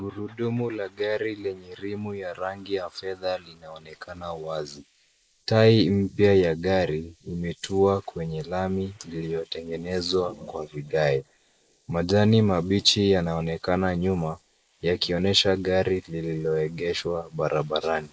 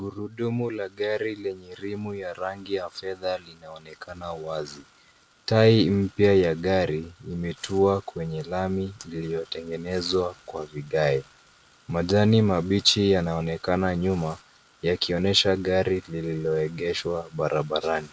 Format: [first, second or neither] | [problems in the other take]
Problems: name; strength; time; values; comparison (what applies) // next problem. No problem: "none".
second | noise reduction (neural mask model Resemble Enhance denoiser)